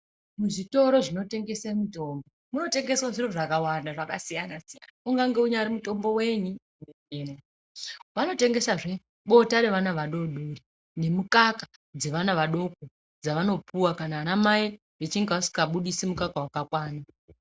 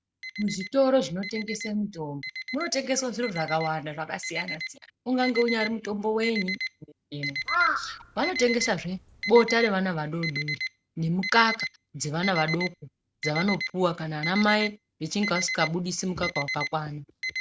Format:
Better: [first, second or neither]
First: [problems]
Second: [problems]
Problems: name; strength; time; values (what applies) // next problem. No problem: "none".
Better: first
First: none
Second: background sound (Alarm + Crow); 7 dB below the speech